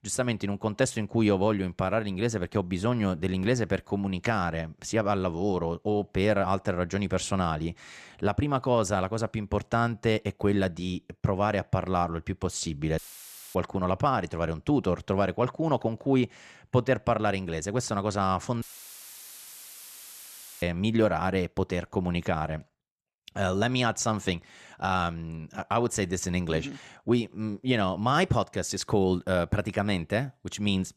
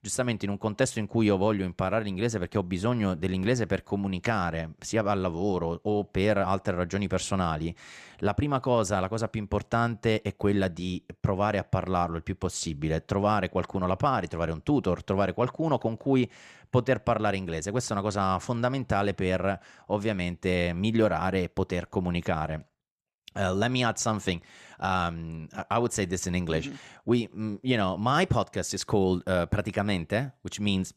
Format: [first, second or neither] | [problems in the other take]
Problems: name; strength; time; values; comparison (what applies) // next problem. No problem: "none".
second | audio cutting out; filled with static; at 13 s for 0.5 s and at 19 s for 2 s